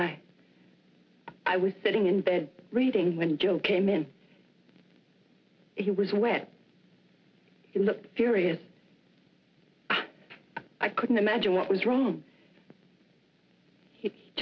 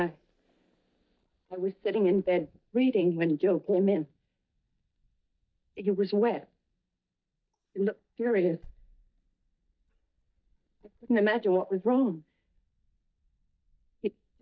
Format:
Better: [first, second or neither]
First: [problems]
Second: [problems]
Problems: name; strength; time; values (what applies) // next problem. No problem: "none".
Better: first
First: none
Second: noise reduction (neural mask model DeepFilterNet 3)